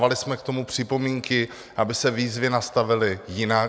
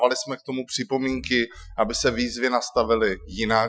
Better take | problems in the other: first | noise reduction (classical method Wiener filter)

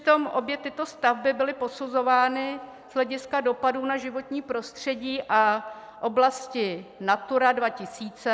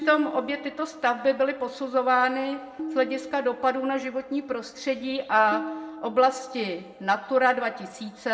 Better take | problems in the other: first | background sound (Tabla); 15 dB below the speech // room echo; dies away in 0.6 s

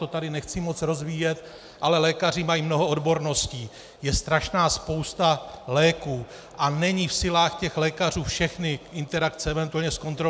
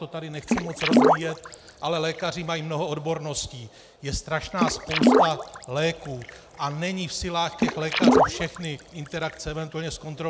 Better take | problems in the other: first | background sound (Water / Splash, splatter); 4 dB above the speech

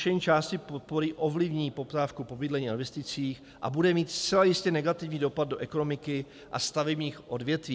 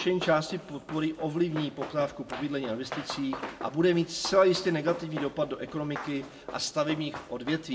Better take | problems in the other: first | background sound (Run); 13 dB below the speech // room echo; dies away in 0.3 s

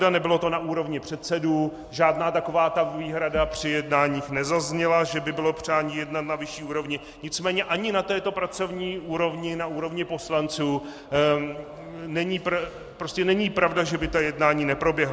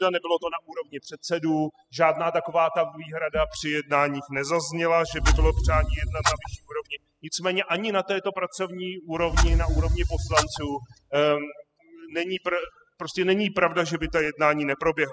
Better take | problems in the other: first | noise reduction (classical method spectral subtraction)

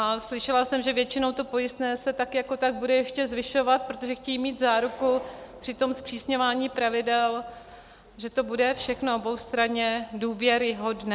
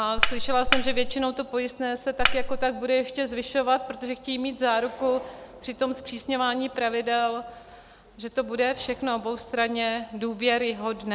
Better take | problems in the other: first | background sound (Cutlery, silverware); 4 dB above the speech

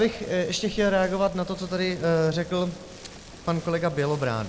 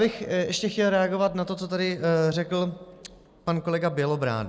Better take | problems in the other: second | background sound (Rain + Vehicle); 17 dB below the speech

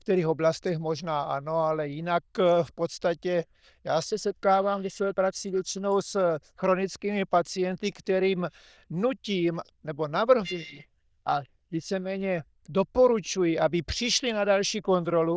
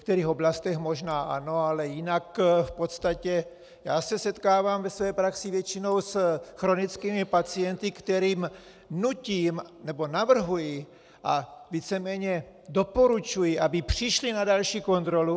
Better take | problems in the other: second | noise reduction (neural diffusion model UNIVERSE++)

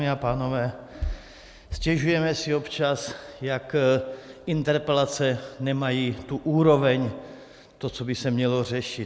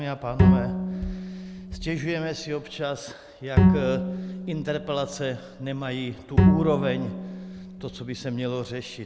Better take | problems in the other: first | background sound (Bowed string instrument); 5 dB above the speech

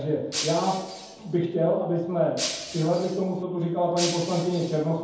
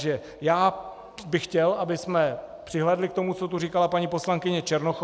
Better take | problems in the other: second | background sound (Shatter); 9 dB below the speech // room echo; dies away in 0.9 s

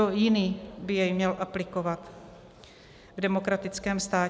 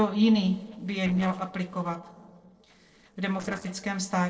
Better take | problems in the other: first | noise reduction (neural separator model SepFormer DNS4)

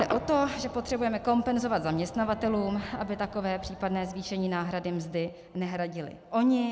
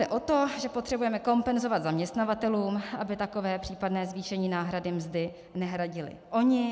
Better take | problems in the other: second | background sound (Crowd / Cheering / Fireworks); 14 dB below the speech

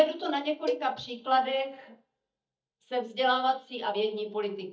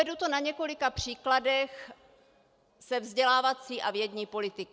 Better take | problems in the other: second | noise reduction (neural mask model DeepFilterNet 3)

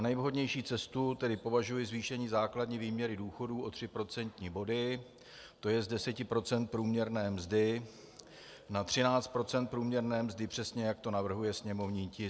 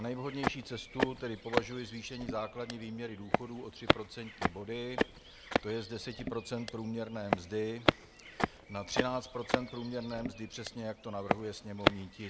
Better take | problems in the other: first | background sound (Walk, footsteps); 3 dB above the speech

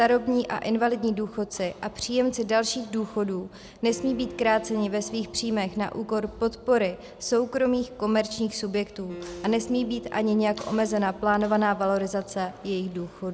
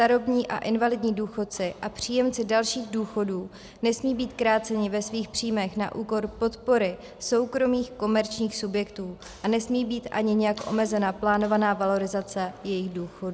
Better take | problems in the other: second | background sound (Acoustic guitar); 20 dB below the speech

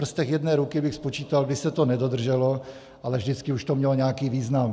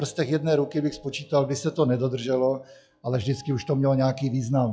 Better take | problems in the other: first | noise reduction (classical method log-MMSE)

